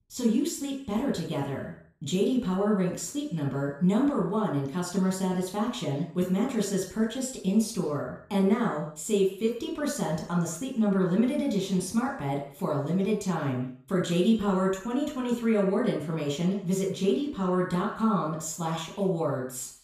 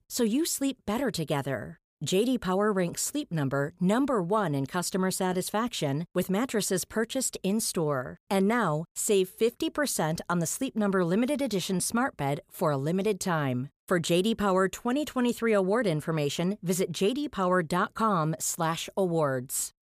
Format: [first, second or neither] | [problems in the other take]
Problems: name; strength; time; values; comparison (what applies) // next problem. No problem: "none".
second | room echo; noticeable; dies away in 0.6 s // off-mic speech; somewhat distant